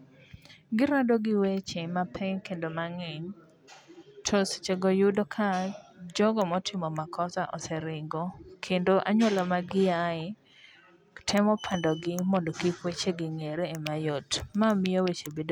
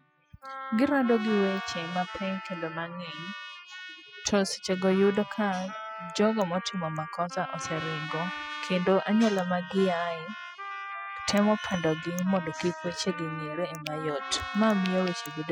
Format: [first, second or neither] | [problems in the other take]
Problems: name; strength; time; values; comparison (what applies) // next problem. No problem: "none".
first | noise reduction (classical method spectral subtraction)